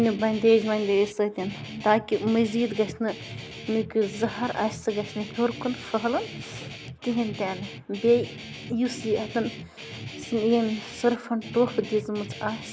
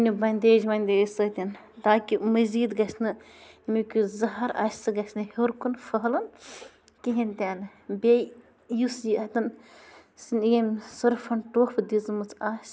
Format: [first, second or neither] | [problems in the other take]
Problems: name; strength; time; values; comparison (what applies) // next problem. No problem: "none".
second | background sound (Guitar); 13 dB below the speech